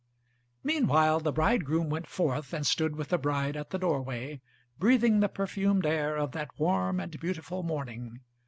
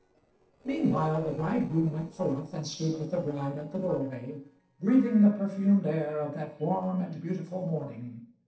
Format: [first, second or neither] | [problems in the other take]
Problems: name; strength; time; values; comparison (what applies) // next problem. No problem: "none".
first | noise reduction (neural separator model SepFormer DNS4)